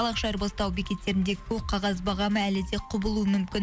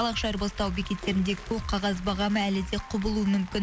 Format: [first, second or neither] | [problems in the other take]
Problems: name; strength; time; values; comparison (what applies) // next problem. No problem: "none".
first | background sound (Splash, splatter + Applause); 19 dB below the speech